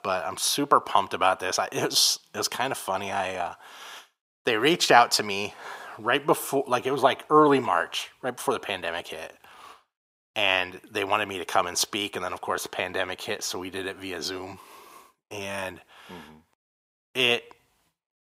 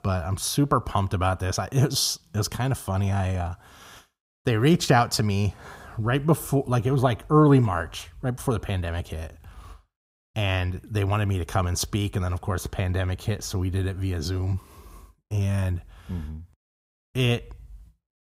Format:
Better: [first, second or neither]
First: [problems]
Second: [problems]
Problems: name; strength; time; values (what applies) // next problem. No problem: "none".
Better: second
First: thin; very; fading below 450 Hz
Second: none